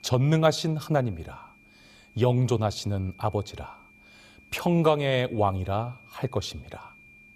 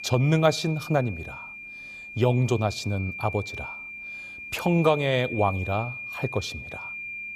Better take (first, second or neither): first